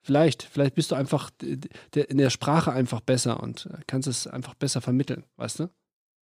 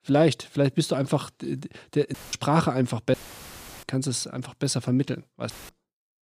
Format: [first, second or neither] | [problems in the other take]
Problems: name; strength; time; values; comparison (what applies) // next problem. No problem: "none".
first | audio cutting out; filled with static; at 2 s, at 3 s for 0.5 s and at 5.5 s